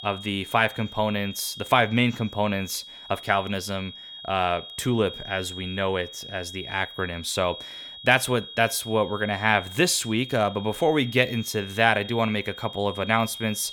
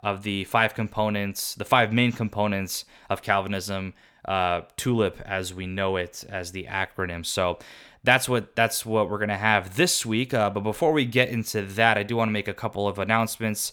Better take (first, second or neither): second